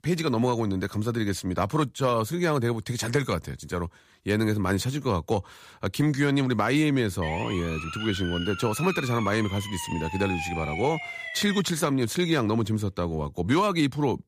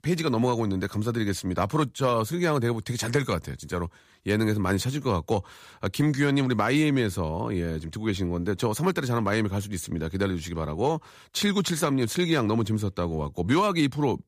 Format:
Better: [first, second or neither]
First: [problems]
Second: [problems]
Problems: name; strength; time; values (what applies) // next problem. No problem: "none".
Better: second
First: siren; noticeable; from 7 to 12 s; peak 5 dB below the speech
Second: none